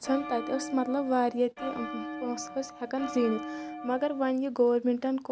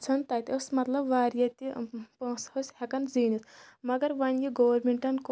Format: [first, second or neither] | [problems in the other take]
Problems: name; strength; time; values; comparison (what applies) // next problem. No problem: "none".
second | background sound (Bell); 9 dB below the speech